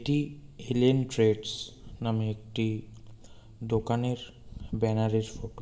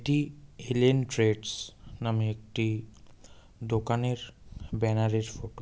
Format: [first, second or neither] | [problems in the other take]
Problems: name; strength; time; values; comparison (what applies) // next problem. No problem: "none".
second | room echo; dies away in 1.2 s